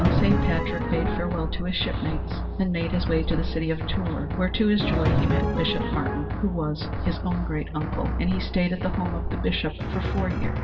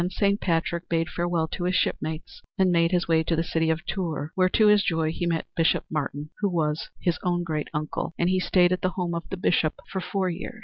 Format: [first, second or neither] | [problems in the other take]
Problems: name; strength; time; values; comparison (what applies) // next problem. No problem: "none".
second | background sound (Drum); as loud as the speech // room echo; dies away in 2.7 s